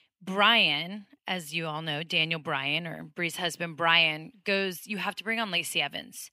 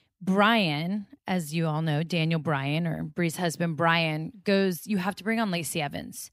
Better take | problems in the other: second | thin; somewhat; fading below 800 Hz

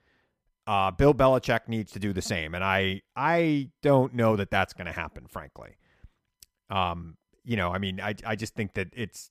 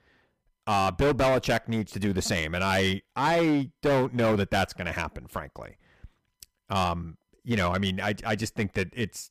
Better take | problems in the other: first | distortion; heavy; 10% of the sound clipped

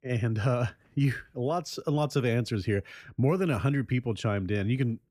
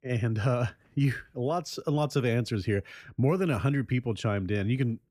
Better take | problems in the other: neither | none

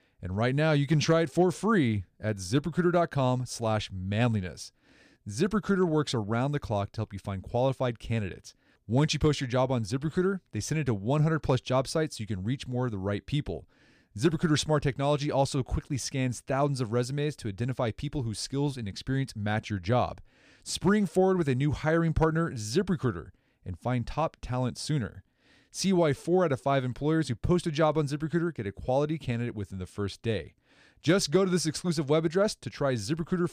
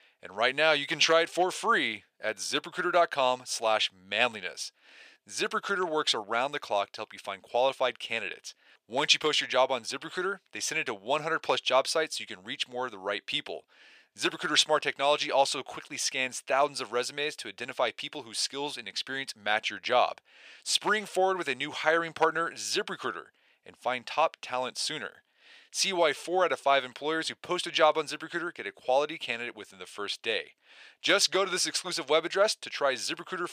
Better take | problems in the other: first | thin; very; fading below 700 Hz

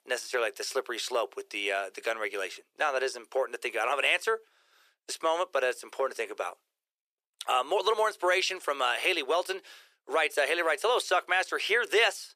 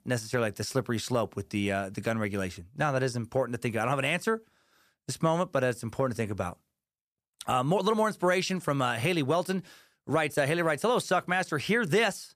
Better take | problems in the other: second | thin; very; fading below 400 Hz

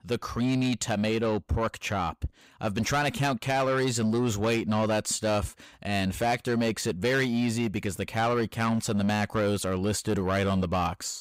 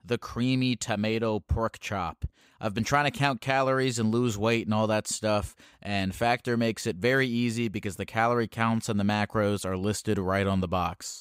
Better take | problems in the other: second | distortion; slight; 10 dB below the speech

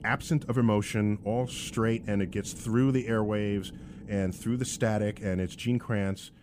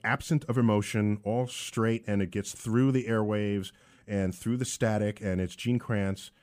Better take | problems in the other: second | low rumble; faint; throughout; 20 dB below the speech

